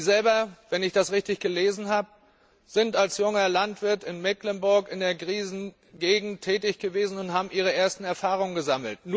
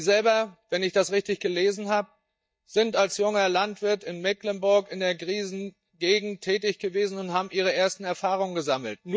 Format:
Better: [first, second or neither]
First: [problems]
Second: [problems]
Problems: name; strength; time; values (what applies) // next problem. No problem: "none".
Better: first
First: none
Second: noise reduction (neural mask model DeepFilterNet 3)